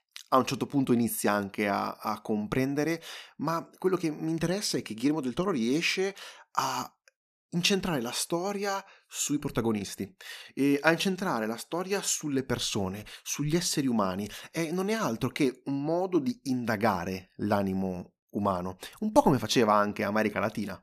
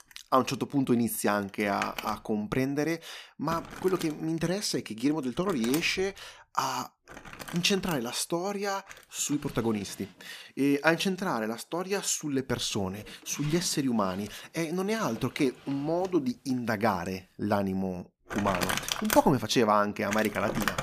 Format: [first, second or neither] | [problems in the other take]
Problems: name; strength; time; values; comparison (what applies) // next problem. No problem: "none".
first | household noises; loud; throughout; 9 dB below the speech